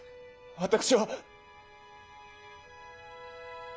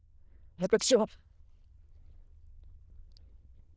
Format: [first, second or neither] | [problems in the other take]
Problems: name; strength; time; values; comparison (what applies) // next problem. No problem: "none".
first | noise reduction (neural diffusion model UNIVERSE++)